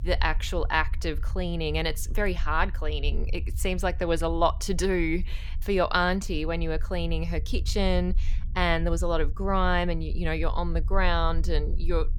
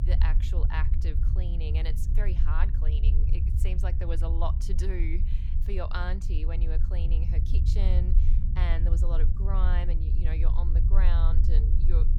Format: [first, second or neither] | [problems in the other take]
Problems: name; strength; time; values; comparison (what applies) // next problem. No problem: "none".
first | low rumble; loud; throughout; 6 dB below the speech; faint in the first